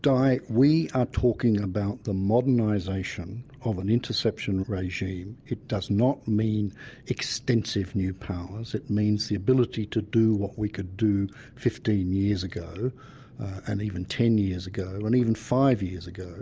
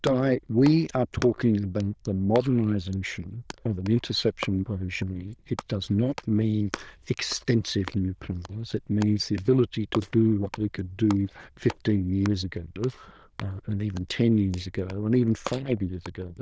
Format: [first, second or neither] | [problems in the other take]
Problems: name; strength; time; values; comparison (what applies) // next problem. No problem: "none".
first | noise reduction (neural diffusion model UNIVERSE++)